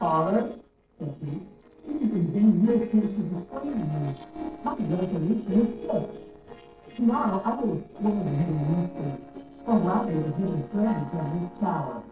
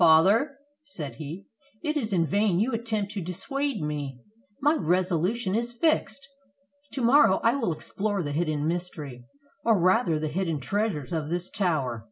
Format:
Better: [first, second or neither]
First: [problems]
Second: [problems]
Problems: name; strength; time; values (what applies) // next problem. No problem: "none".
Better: second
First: noise reduction (neural separator model SepFormer DNS4)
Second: none